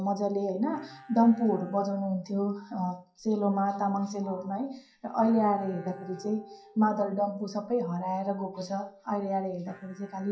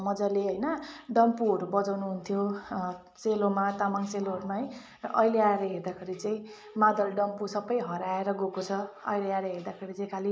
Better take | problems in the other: second | noise reduction (classical method WPE with log-MMSE)

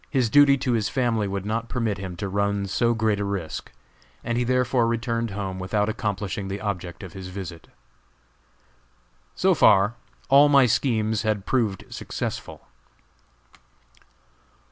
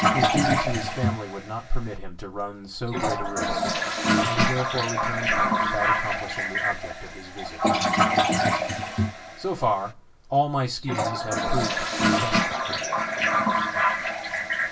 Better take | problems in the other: first | background sound (Toilet flush); 5 dB above the speech // room echo; dies away in 0.2 s

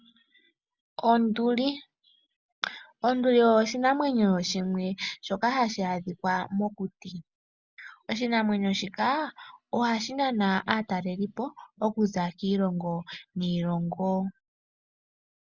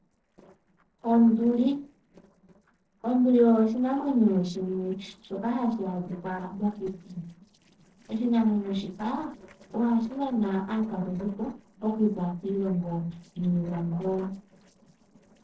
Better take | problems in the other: first | noise reduction (neural separator model SepFormer DNS4)

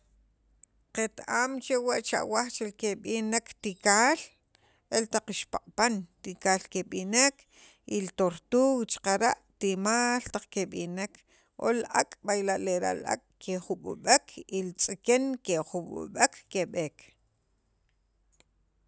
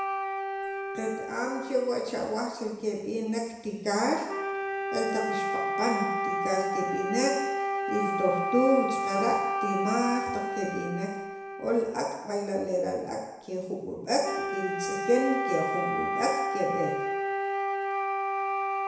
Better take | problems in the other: first | background sound (Wind instrument, woodwind instrument); 1 dB below the speech // room echo; dies away in 1 s

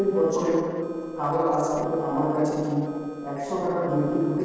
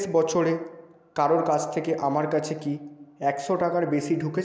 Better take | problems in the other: second | noise reduction (neural separator model SepFormer DNS4)

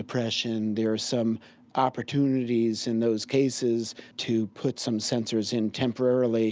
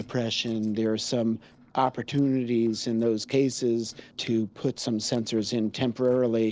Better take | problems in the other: first | noise reduction (neural separator model SepFormer DNS4)

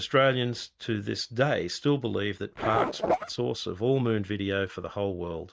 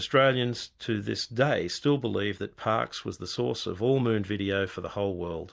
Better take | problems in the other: second | noise reduction (neural mask model RNNoise)

